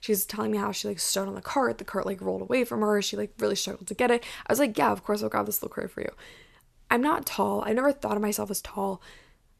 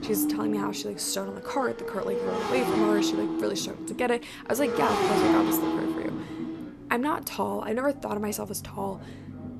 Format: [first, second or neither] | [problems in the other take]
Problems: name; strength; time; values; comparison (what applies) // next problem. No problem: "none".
first | traffic noise; very loud; throughout; 1 dB above the speech